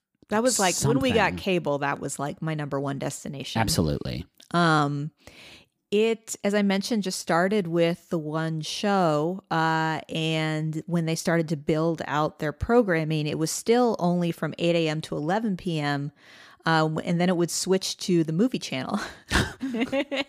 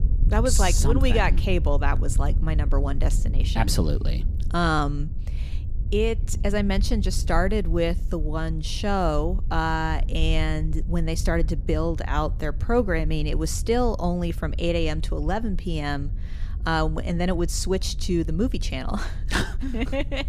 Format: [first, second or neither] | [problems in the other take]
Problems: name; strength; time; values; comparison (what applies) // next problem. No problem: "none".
first | wind noise on the microphone; occasional gusts; 20 dB below the speech